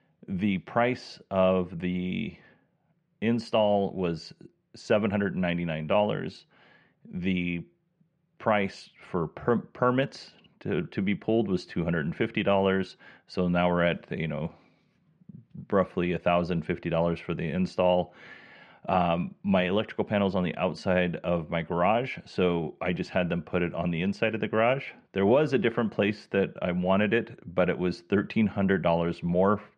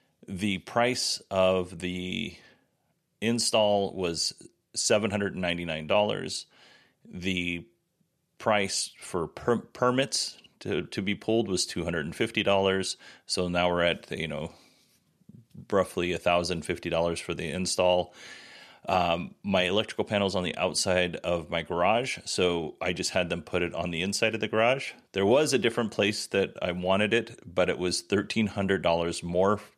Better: second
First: muffled; very; fading above 2 kHz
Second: none

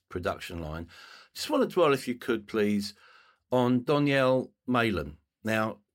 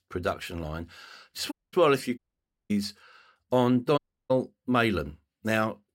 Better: first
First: none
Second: audio cutting out; at 1.5 s, at 2 s for 0.5 s and at 4 s

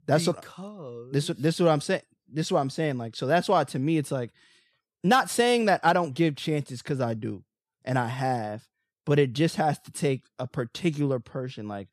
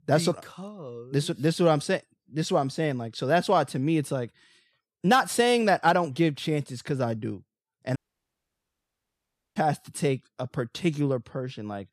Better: first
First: none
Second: audio cutting out; at 8 s for 1.5 s

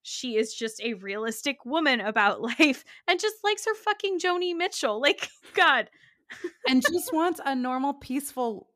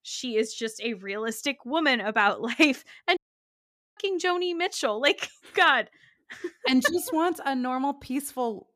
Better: first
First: none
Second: audio cutting out; at 3 s for 1 s

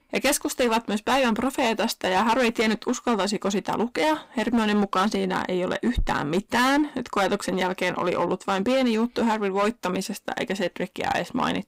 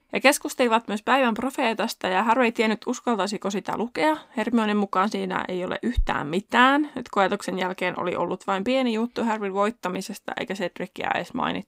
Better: second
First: distortion; heavy; 10% of the sound clipped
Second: none

